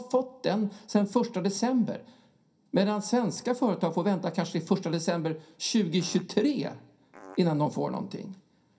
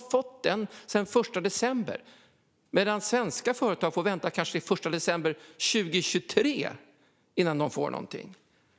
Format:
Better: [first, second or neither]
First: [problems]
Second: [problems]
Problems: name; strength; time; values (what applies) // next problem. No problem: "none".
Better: second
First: background sound (Fart); 19 dB below the speech // room echo; dies away in 0.3 s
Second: none